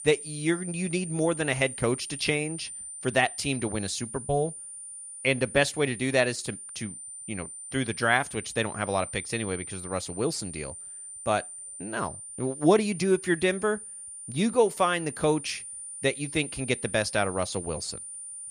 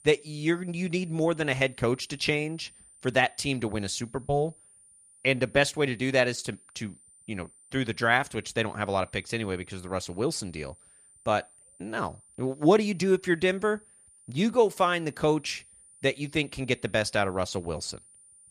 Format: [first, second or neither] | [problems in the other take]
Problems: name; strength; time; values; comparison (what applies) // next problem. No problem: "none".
second | high-pitched whine; loud; throughout; 9 kHz, 10 dB below the speech; faint in the second